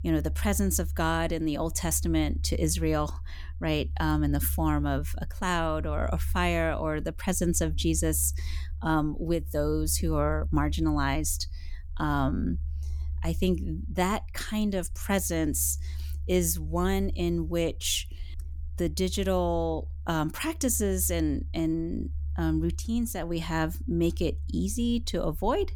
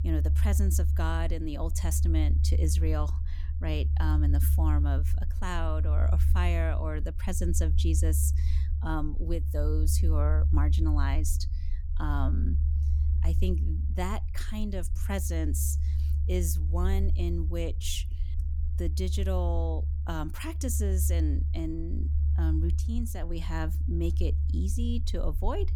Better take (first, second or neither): first